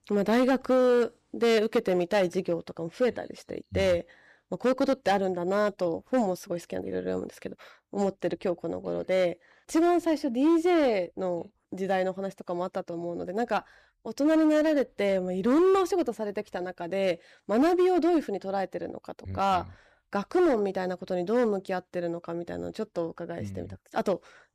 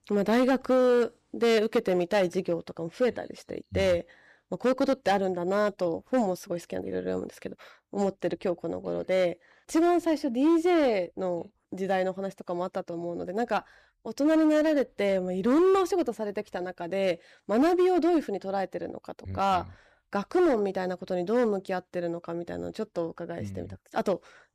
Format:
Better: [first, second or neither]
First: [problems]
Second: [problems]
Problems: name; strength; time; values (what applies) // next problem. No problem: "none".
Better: neither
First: distortion; slight; 5% of the sound clipped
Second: distortion; slight; 5% of the sound clipped